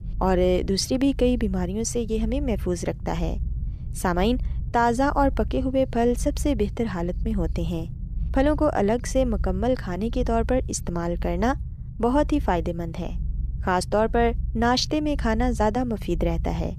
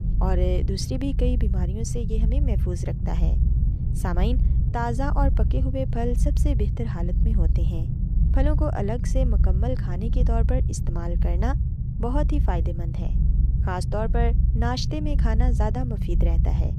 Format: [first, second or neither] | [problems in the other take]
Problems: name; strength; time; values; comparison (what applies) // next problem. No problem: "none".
first | low rumble; loud; throughout; 8 dB below the speech; faint in the first